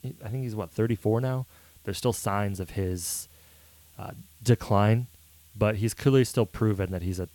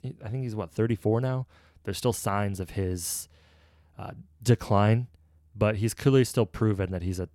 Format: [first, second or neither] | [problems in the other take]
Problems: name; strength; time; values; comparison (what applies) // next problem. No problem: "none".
second | hiss; faint; throughout; 25 dB below the speech